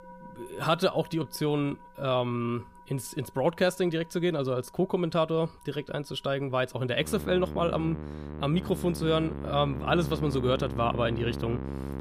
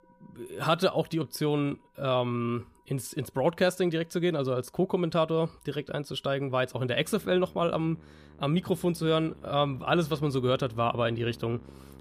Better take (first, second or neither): second